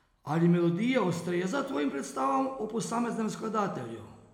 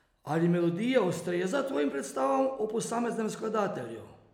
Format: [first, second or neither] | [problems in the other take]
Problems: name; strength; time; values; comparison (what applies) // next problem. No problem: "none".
second | room echo; dies away in 1.1 s